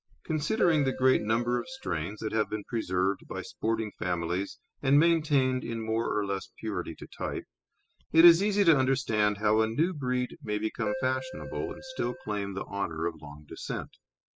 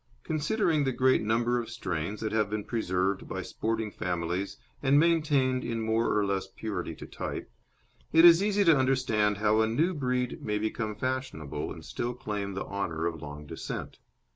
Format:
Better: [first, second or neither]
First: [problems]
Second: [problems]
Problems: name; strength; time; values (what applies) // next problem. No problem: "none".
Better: second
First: noise reduction (classical method spectral subtraction)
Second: none